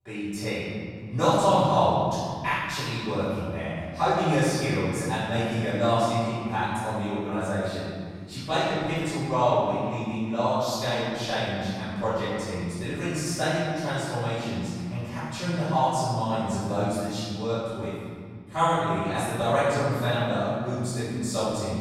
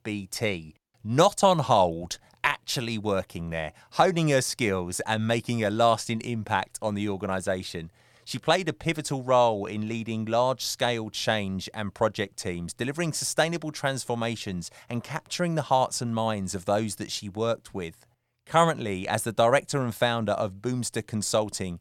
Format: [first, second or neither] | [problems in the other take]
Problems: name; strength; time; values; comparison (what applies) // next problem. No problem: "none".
second | off-mic speech; far // room echo; strong; dies away in 2.1 s